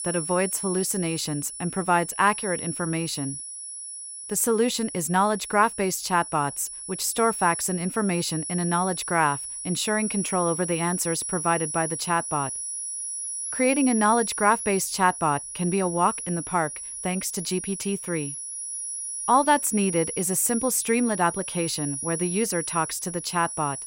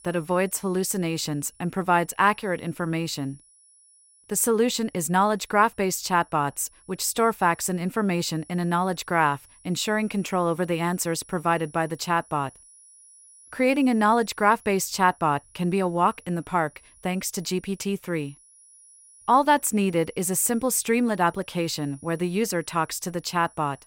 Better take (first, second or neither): second